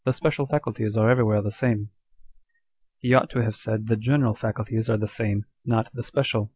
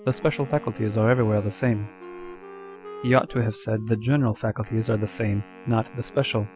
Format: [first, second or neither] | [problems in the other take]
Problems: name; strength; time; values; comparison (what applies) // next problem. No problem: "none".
first | background sound (Wind instrument, woodwind instrument + Wind instrument, woodwind instrument); 17 dB below the speech